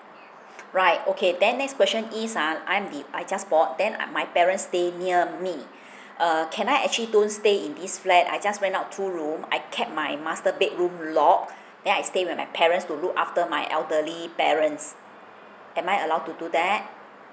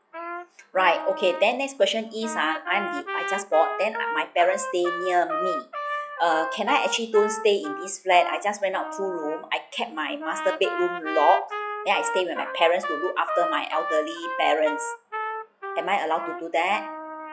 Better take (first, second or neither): first